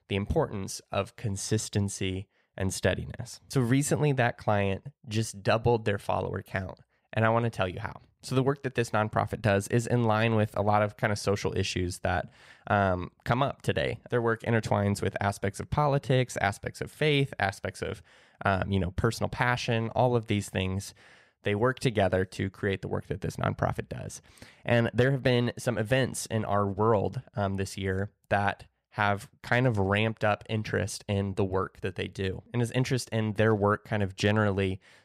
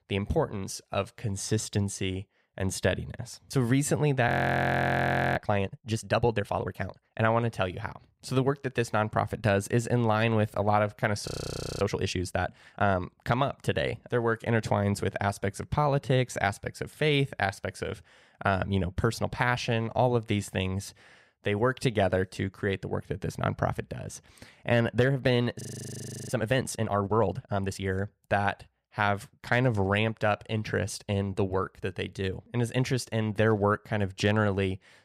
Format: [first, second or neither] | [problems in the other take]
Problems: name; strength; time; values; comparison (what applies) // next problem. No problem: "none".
first | audio freezing; at 4.5 s for 1 s, at 11 s for 0.5 s and at 26 s for 0.5 s